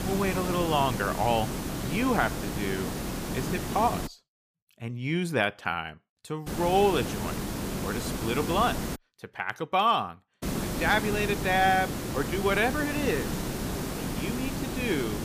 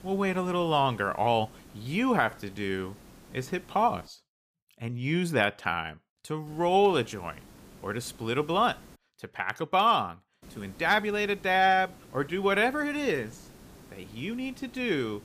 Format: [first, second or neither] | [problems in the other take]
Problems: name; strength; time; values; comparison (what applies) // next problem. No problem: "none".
second | hiss; loud; until 4 s, from 6.5 to 9 s and from 10 s on; 4 dB below the speech; faint in the second